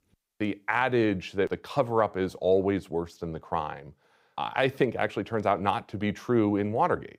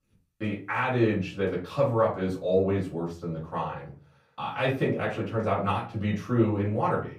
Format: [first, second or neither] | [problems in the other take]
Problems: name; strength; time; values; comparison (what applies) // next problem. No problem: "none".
first | off-mic speech; far // room echo; slight; dies away in 0.3 s